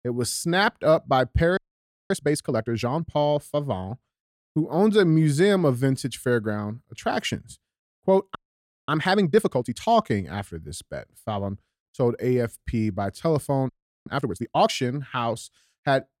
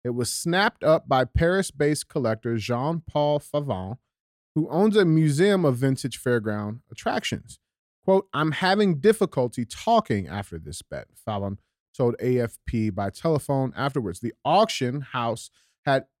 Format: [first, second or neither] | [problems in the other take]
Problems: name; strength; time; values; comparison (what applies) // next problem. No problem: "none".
second | audio freezing; at 1.5 s for 0.5 s, at 8.5 s for 0.5 s and at 14 s